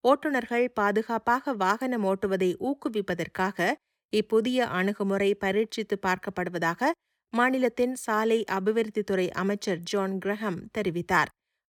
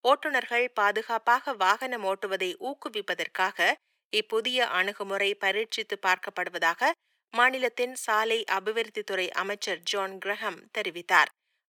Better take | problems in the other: first | thin; very; fading below 600 Hz

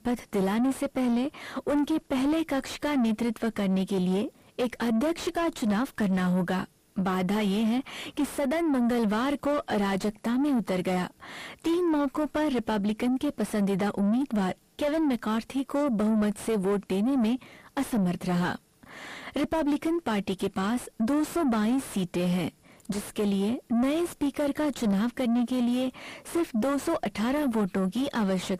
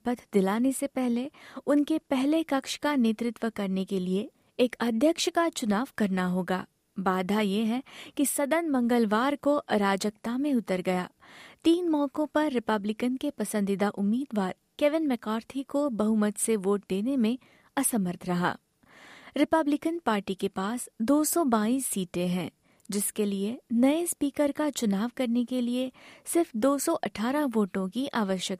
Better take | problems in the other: second | distortion; heavy; 6 dB below the speech

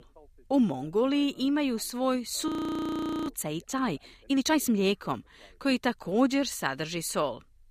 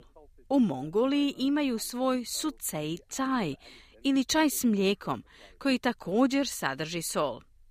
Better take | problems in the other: second | audio freezing; at 2.5 s for 1 s

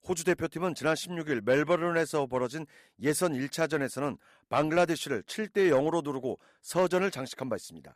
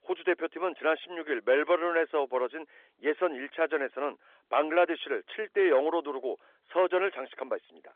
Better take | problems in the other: first | phone-call audio; nothing above 3.5 kHz

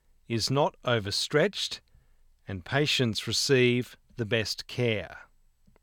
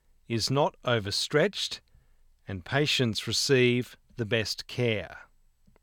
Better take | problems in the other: neither | none

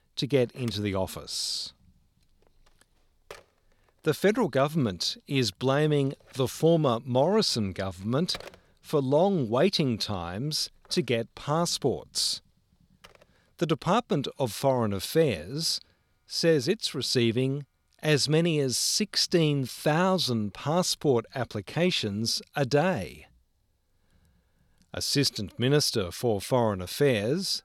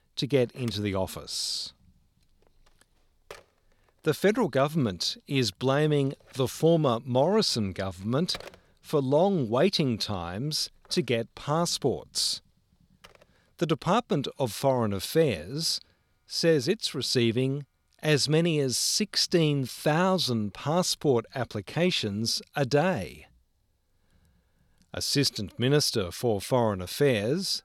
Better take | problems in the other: neither | alarms or sirens; faint; throughout; 25 dB below the speech; the same in both

